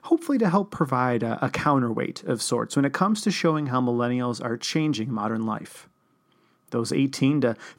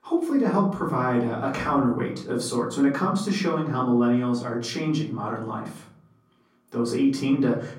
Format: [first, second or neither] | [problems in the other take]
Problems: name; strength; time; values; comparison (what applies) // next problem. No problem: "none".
first | off-mic speech; far // room echo; slight; dies away in 0.6 s